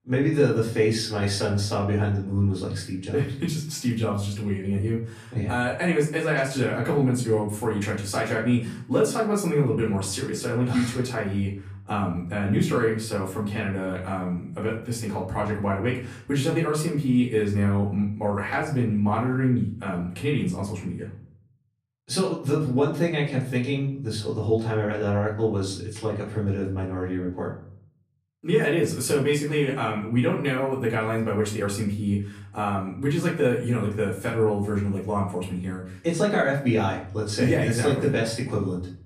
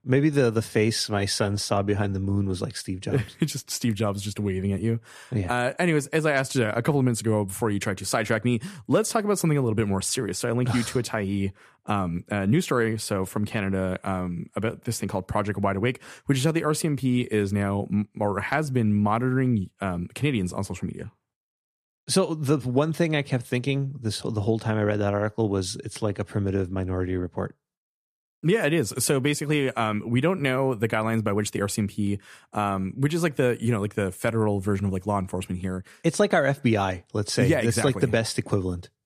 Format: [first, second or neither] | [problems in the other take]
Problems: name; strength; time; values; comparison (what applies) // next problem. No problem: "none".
second | off-mic speech; far // room echo; slight; dies away in 0.5 s